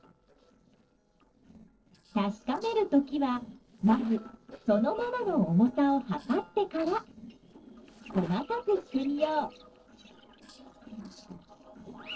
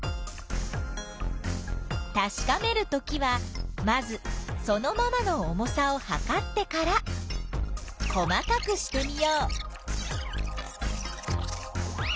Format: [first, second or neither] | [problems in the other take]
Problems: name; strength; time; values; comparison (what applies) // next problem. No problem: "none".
second | noise reduction (neural separator model SepFormer DNS4)